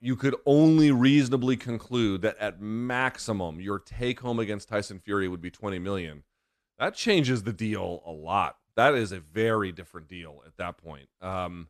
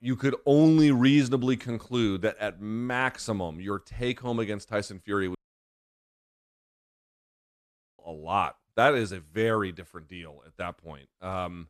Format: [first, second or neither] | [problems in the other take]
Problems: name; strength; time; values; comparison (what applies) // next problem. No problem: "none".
first | audio cutting out; at 5.5 s for 2.5 s